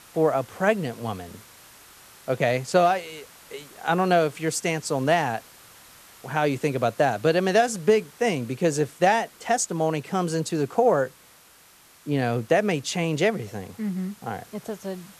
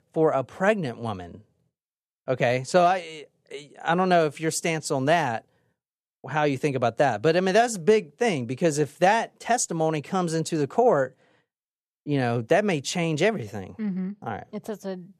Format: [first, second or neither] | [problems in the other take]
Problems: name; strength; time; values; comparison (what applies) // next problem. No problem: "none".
second | hiss; faint; throughout; 25 dB below the speech